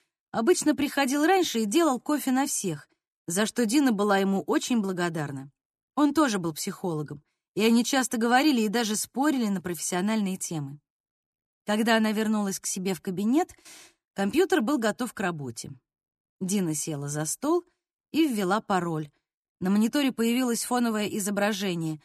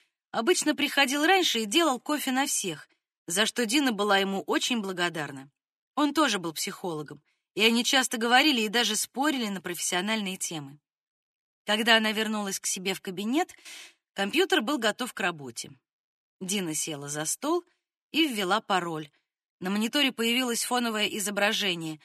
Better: first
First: none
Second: thin; very slightly; fading below 750 Hz

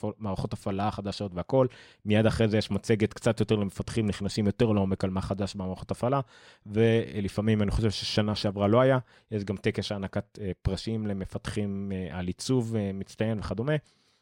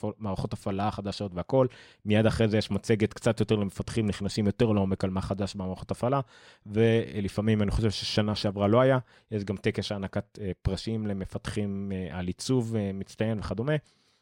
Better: neither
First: none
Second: none

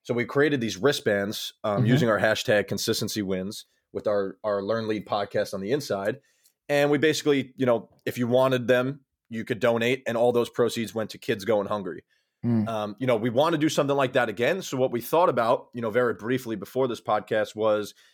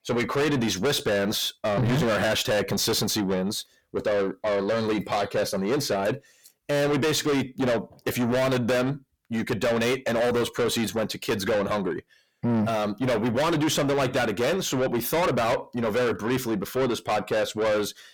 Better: first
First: none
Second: distortion; heavy; 5 dB below the speech

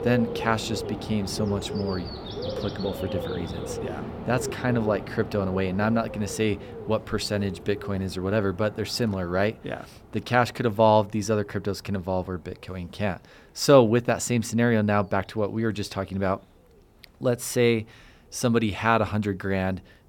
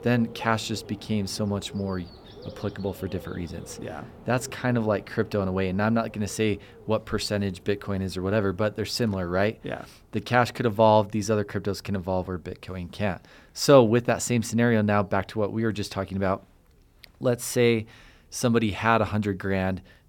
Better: second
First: animal sounds; loud; throughout; 10 dB below the speech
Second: animal sounds; faint; throughout; 20 dB below the speech

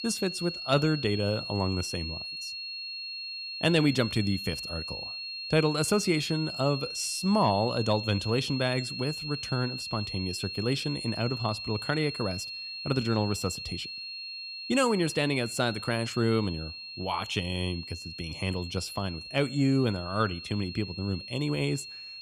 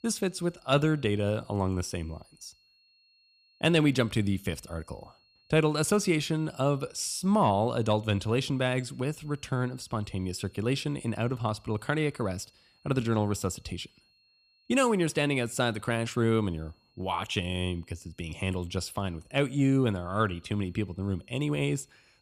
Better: second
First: high-pitched whine; loud; throughout; 4.5 kHz, 7 dB below the speech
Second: high-pitched whine; faint; throughout; 4.5 kHz, 35 dB below the speech

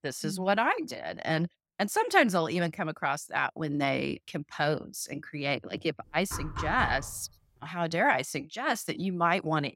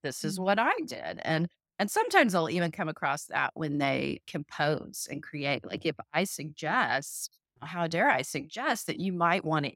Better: second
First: door banging; noticeable; at 6.5 s; peak 5 dB below the speech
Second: none

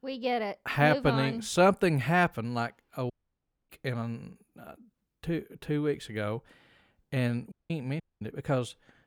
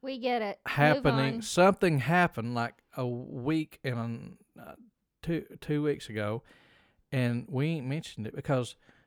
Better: second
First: audio cutting out; at 3 s for 0.5 s, at 7.5 s and at 8 s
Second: none

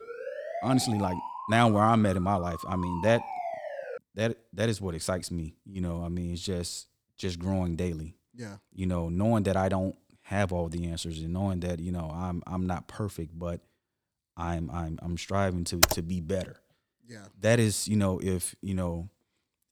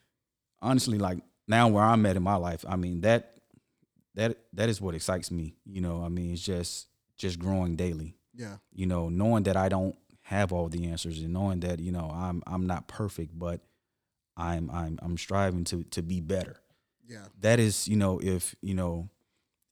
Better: second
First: siren; noticeable; until 4 s; peak 6 dB below the speech // keyboard typing; loud; at 16 s; peak 6 dB above the speech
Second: none

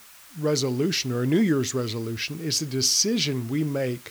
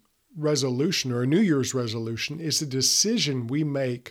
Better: second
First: hiss; faint; throughout; 20 dB below the speech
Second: none

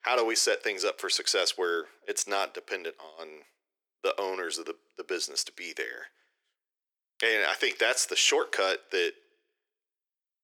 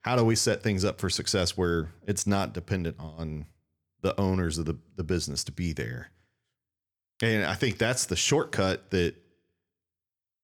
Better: second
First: thin; very; fading below 350 Hz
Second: none

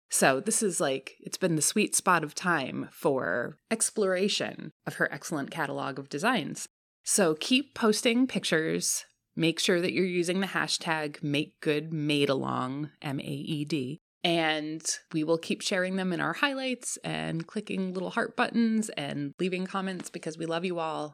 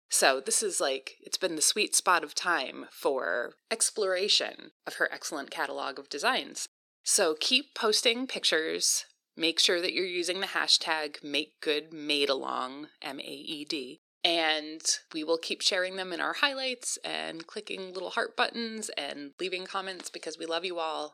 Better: first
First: none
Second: thin; somewhat; fading below 350 Hz

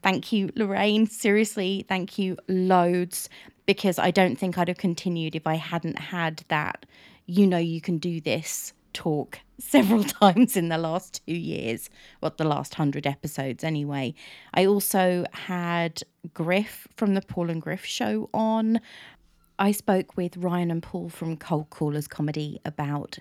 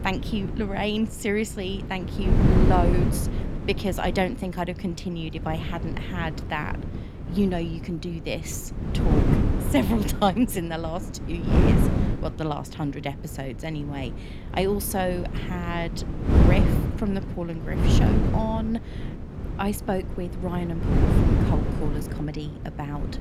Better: first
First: none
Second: wind noise on the microphone; heavy; 3 dB below the speech

